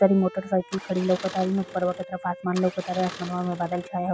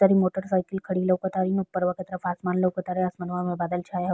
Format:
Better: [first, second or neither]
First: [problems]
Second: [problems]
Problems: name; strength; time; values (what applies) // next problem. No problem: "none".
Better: second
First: background sound (Engine starting + Bowed string instrument); 16 dB below the speech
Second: none